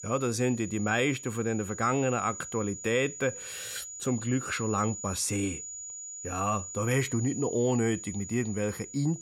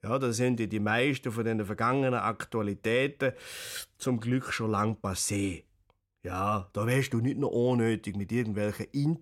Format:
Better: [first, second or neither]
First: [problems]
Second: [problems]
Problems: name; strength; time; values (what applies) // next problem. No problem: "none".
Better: second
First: high-pitched whine; loud; throughout; 7 kHz, 9 dB below the speech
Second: none